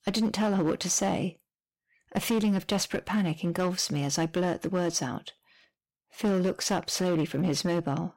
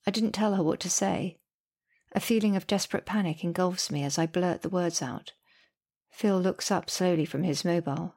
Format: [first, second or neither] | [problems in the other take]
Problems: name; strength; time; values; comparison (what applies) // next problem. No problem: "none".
second | distortion; slight; 7% of the sound clipped